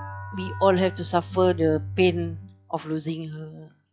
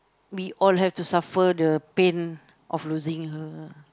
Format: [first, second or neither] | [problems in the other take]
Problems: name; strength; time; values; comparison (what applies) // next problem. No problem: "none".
second | noise reduction (classical method log-MMSE)